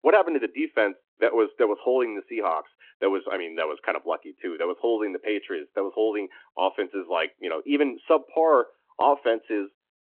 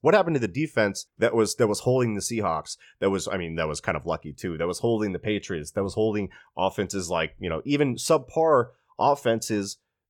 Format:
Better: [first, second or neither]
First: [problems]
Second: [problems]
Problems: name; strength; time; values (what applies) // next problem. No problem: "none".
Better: second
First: phone-call audio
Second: none